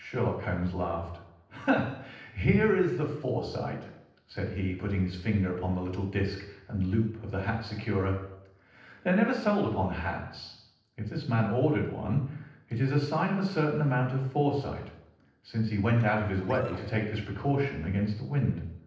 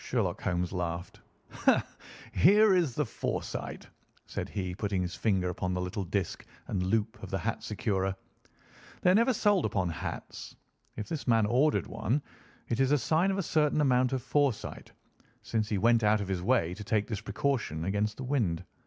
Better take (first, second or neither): second